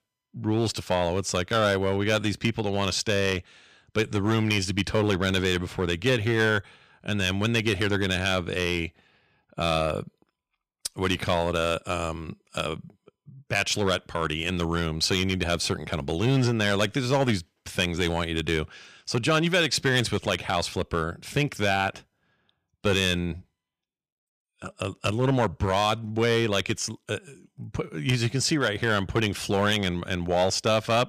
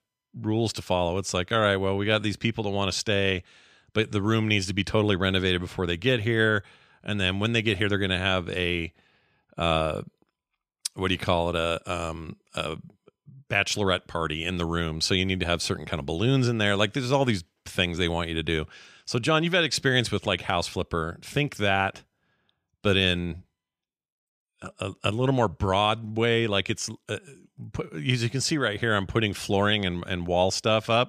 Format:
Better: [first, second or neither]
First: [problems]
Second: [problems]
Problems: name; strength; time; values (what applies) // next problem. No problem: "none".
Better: second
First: distortion; slight; 3% of the sound clipped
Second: none